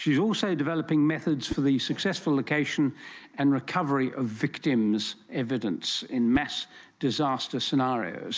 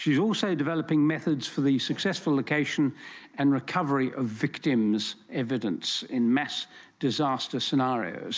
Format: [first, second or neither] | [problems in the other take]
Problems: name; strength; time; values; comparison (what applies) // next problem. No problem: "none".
second | background sound (Whoosh, swoosh, swish); 18 dB below the speech